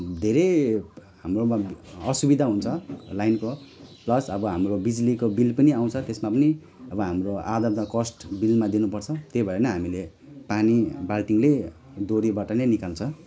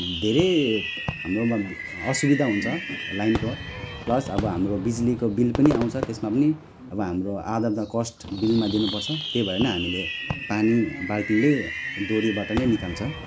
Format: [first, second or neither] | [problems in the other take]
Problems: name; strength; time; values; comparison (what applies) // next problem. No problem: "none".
first | background sound (Fireworks); 8 dB below the speech